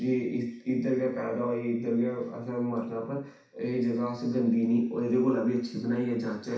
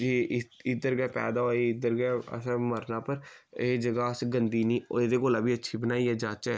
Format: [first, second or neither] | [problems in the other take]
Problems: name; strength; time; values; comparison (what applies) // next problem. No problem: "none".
second | room echo; dies away in 0.6 s